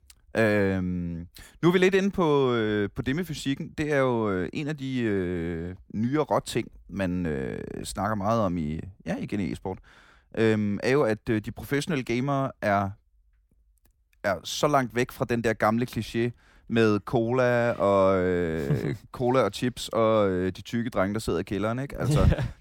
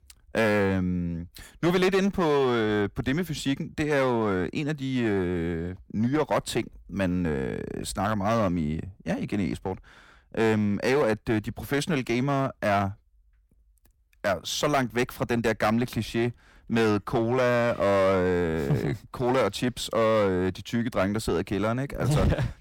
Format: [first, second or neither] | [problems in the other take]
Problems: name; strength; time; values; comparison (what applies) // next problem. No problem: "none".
first | distortion; slight; 8% of the sound clipped